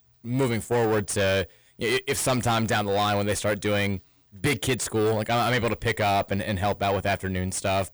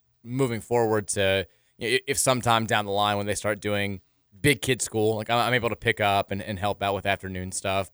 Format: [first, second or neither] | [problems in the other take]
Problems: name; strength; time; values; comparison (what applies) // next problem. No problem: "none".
second | distortion; heavy; 7 dB below the speech